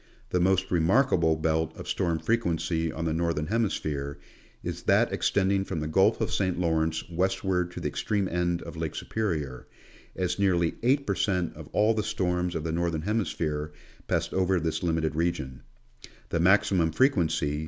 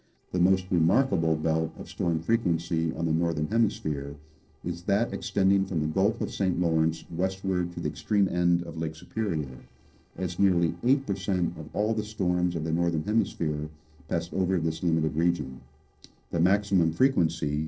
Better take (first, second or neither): first